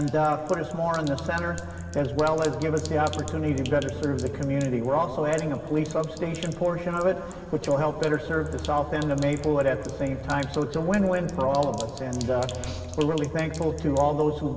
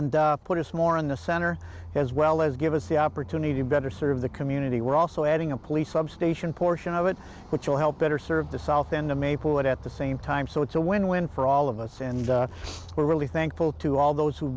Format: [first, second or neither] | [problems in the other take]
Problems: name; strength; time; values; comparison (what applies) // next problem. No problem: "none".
second | background sound (Sink (filling or washing)); 19 dB below the speech // room echo; dies away in 2.7 s